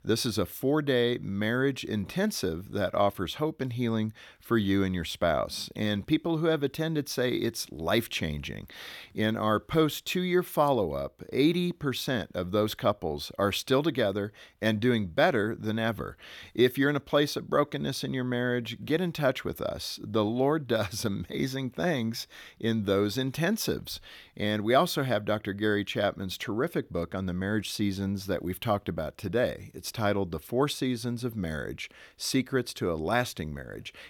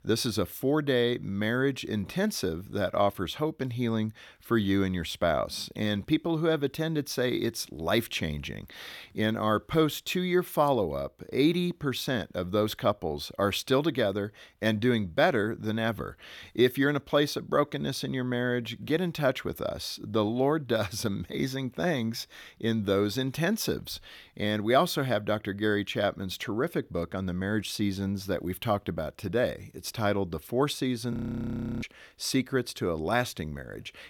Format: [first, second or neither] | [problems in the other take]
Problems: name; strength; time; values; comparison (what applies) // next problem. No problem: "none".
first | audio freezing; at 31 s for 0.5 s